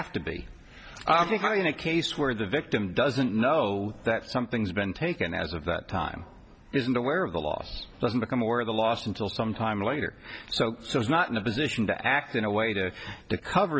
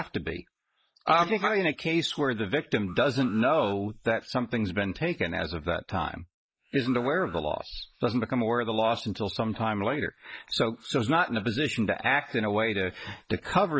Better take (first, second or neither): first